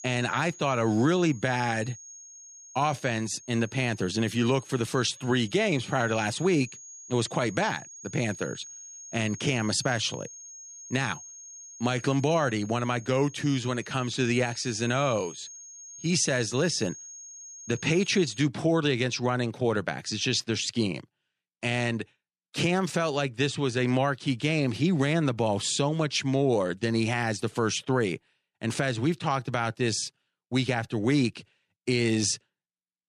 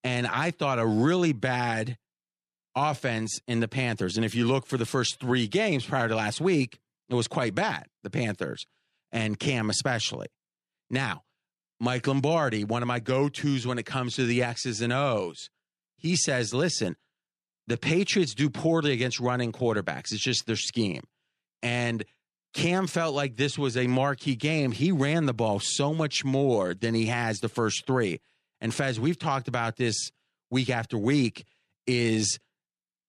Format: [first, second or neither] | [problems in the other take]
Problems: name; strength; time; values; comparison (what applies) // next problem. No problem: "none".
second | high-pitched whine; noticeable; until 18 s; 6.5 kHz, 15 dB below the speech